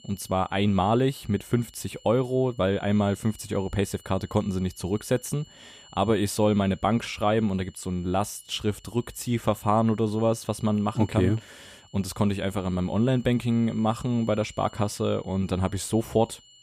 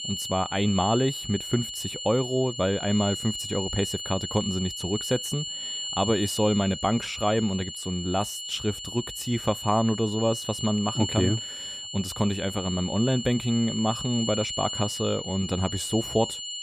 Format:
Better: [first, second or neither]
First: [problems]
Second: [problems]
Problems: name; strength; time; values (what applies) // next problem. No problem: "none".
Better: first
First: high-pitched whine; faint; throughout; 3 kHz, 25 dB below the speech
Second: high-pitched whine; loud; throughout; 3 kHz, 5 dB below the speech